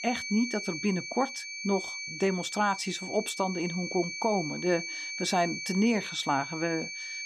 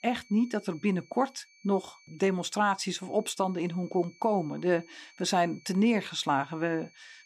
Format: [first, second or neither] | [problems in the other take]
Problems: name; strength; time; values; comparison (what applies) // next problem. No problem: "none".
second | high-pitched whine; loud; throughout; 2.5 kHz, 6 dB below the speech; faint in the second